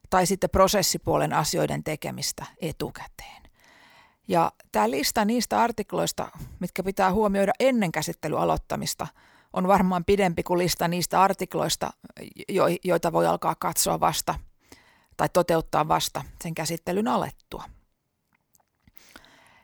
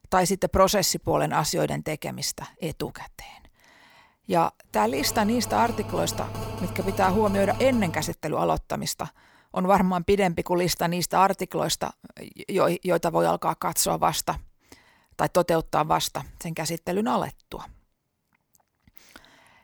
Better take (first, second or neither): first